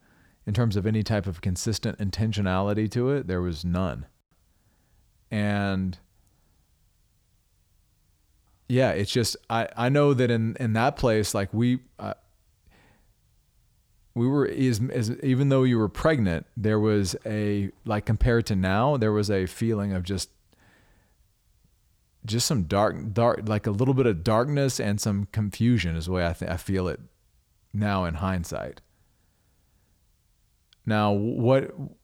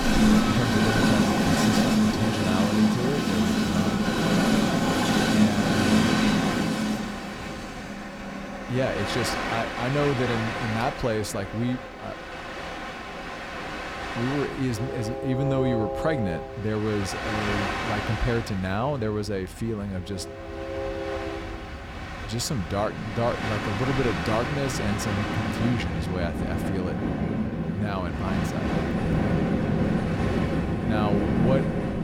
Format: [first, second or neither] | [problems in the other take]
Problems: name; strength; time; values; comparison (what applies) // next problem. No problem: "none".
first | train or aircraft noise; very loud; throughout; 3 dB above the speech